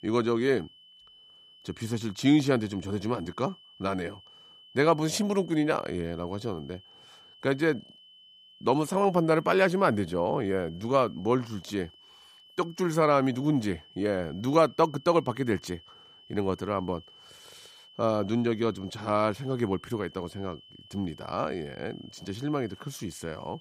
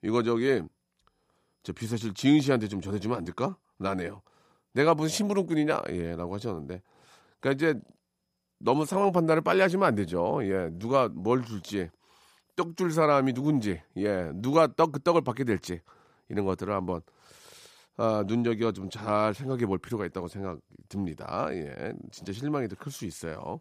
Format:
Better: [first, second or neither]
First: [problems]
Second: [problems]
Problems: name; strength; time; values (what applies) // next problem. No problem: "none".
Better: second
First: high-pitched whine; faint; throughout; 3 kHz, 25 dB below the speech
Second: none